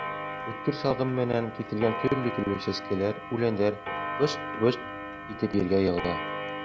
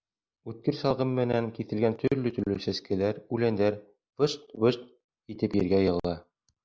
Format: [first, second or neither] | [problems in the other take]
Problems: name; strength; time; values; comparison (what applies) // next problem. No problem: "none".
second | background sound (Clock); 7 dB below the speech